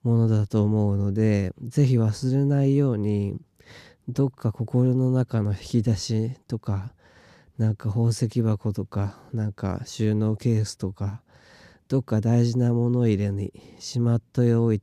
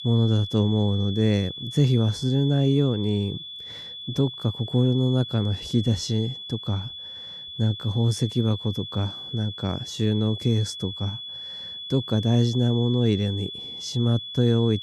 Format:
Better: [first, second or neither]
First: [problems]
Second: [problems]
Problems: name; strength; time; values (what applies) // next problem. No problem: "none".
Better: first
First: none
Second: high-pitched whine; loud; throughout; 3.5 kHz, 10 dB below the speech